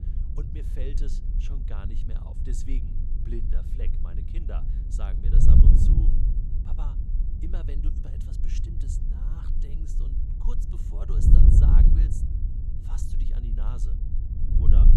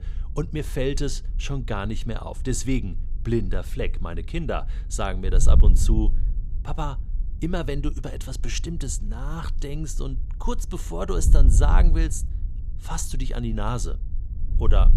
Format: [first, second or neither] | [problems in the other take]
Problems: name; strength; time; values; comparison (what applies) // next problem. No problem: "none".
second | wind noise on the microphone; heavy; 3 dB above the speech; occasional gusts in the second